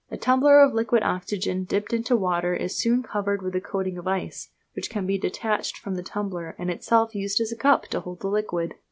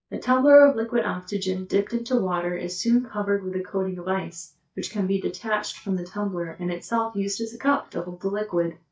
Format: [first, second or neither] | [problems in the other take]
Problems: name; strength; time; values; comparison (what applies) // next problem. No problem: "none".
first | noise reduction (neural mask model DeepFilterNet 3)